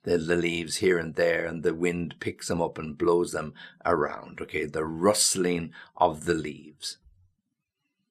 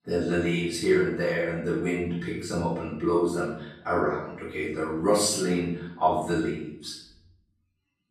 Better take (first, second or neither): first